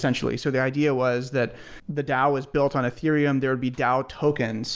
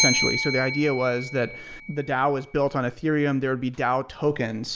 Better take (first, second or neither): first